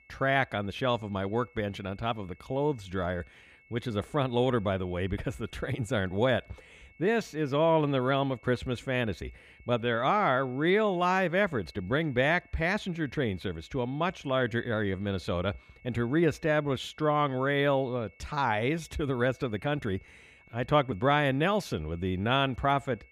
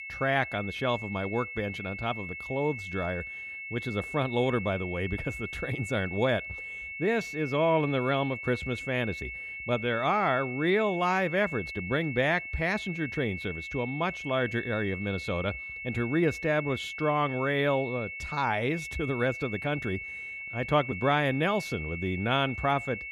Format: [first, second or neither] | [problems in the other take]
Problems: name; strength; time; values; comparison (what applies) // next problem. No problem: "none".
first | high-pitched whine; loud; throughout; 2 kHz, 7 dB below the speech; faint in the first